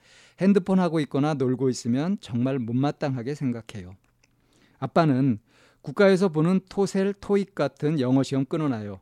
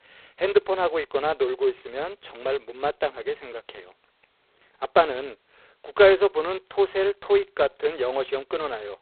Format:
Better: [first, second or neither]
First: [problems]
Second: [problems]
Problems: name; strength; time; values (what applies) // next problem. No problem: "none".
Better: first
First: none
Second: phone-call audio; poor line; nothing above 4 kHz